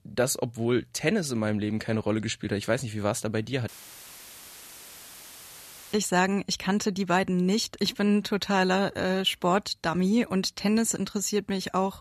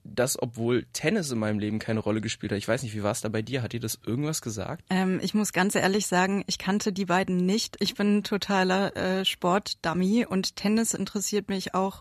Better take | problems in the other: second | audio cutting out; filled with static; at 3.5 s for 2 s

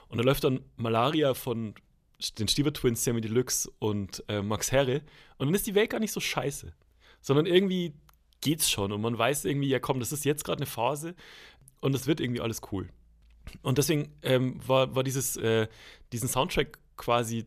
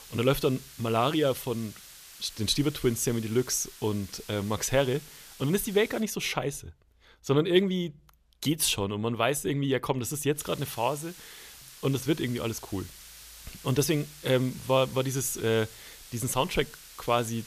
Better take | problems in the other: first | hiss; noticeable; until 6 s and from 10 s on; 15 dB below the speech

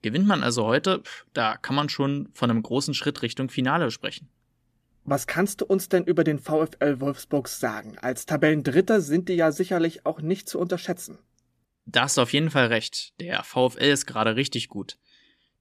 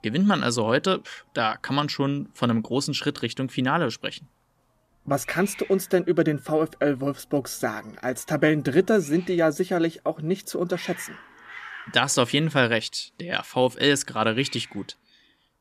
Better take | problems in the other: first | hiss; noticeable; throughout; 20 dB below the speech

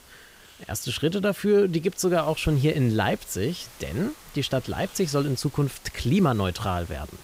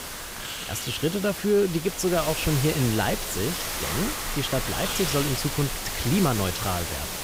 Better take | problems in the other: first | hiss; loud; throughout; 3 dB below the speech; faint in the first

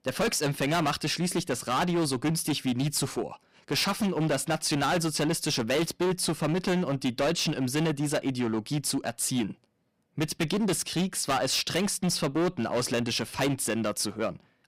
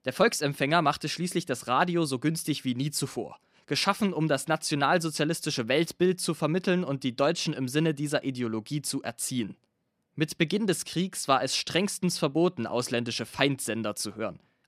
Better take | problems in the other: second | distortion; heavy; 16% of the sound clipped

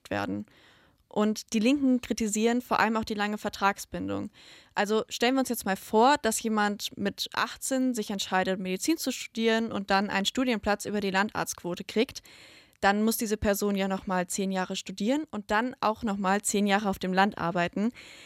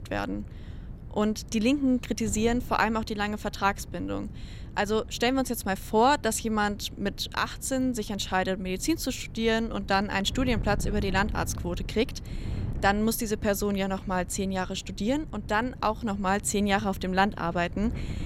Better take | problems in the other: first | wind noise on the microphone; occasional gusts; 20 dB below the speech

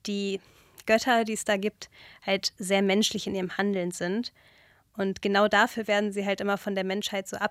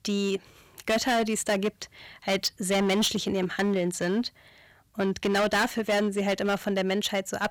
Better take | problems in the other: first | distortion; heavy; 12% of the sound clipped

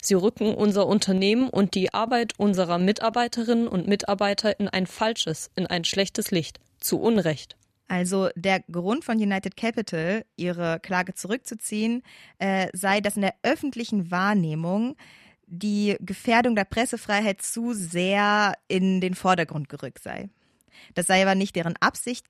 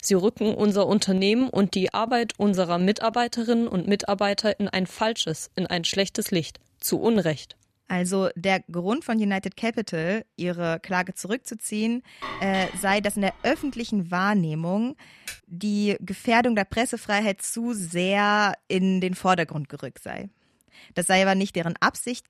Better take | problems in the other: first | clattering dishes; noticeable; from 12 to 14 s; peak 9 dB below the speech // keyboard typing; faint; at 15 s; peak 15 dB below the speech

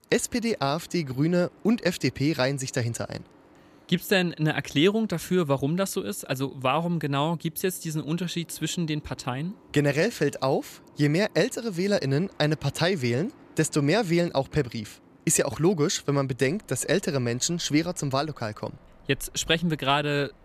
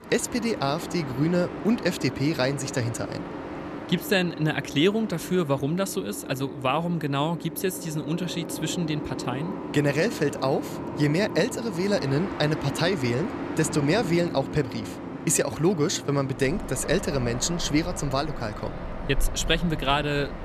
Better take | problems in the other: first | train or aircraft noise; loud; throughout; 9 dB below the speech; faint in the first

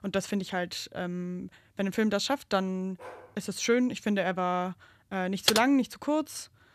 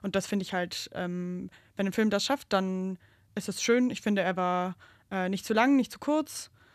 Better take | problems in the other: second | dog barking; faint; at 3 s; peak 15 dB below the speech // keyboard typing; loud; at 5.5 s; peak 3 dB above the speech

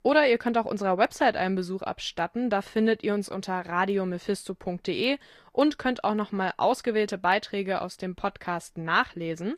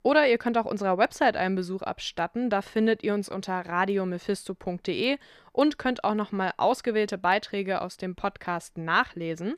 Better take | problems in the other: second | garbled, watery; slightly

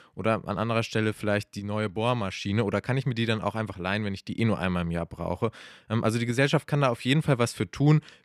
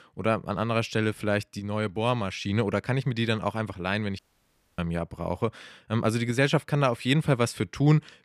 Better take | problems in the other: first | audio cutting out; at 4 s for 0.5 s

